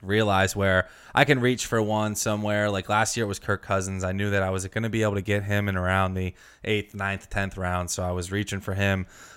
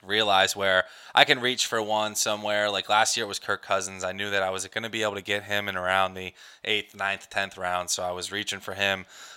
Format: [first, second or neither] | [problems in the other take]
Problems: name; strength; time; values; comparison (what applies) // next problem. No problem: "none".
first | thin; somewhat; fading below 750 Hz